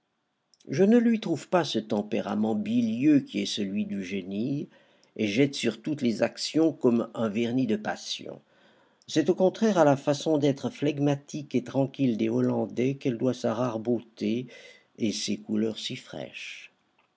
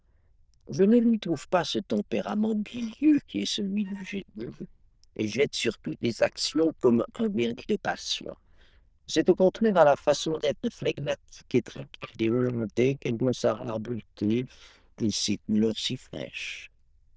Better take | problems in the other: first | noise reduction (neural diffusion model UNIVERSE++)

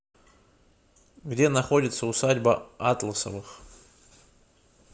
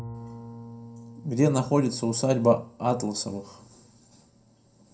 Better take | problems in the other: first | background sound (Bowed string instrument); 18 dB below the speech // room echo; dies away in 0.2 s

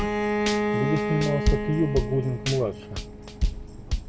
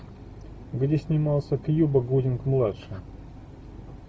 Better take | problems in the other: second | background sound (Tambourine / Drum / Drum kit + Bowed string instrument); 1 dB above the speech

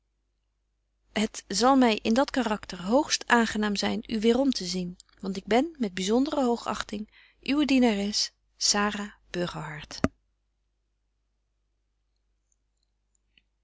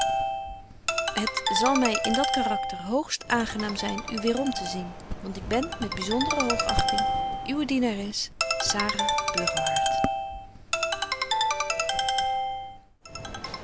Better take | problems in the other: first | background sound (Ringtone); 2 dB above the speech

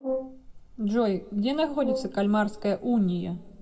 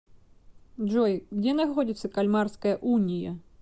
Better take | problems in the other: second | background sound (Brass instrument); 10 dB below the speech // room echo; dies away in 1.6 s

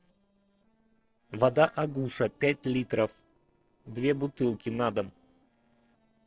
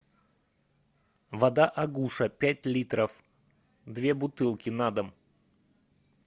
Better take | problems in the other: second | noise reduction (neural separator model SepFormer DNS4)

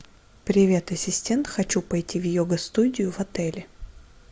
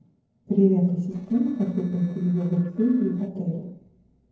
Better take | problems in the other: first | noise reduction (neural separator model SepFormer DNS4)

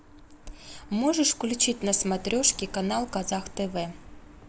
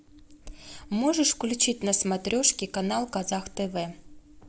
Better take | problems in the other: second | background sound (Car passing by); 18 dB below the speech

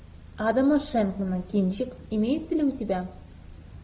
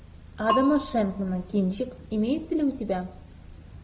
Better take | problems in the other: first | background sound (Bell / Percussion); 9 dB below the speech

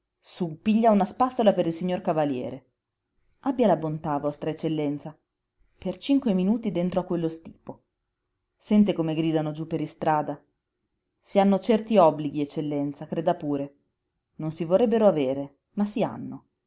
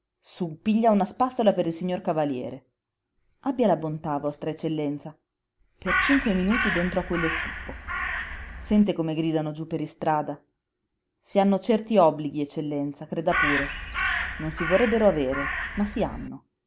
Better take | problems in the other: first | background sound (Crow); 3 dB below the speech

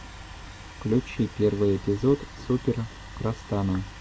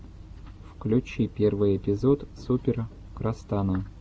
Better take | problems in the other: second | background sound (Domestic sounds, home sounds); 19 dB below the speech

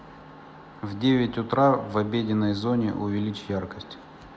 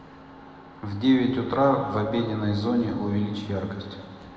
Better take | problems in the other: first | room echo; dies away in 2.2 s

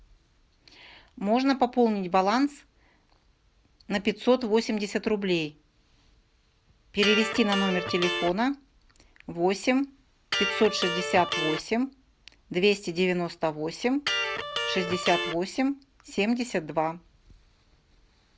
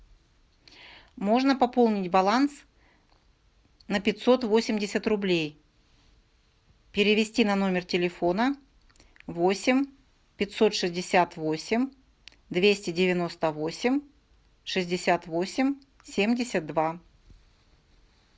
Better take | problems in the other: second | background sound (Electric guitar); 4 dB below the speech

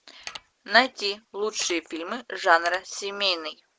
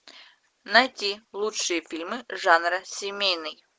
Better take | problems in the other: second | background sound (Mechanisms); 14 dB below the speech

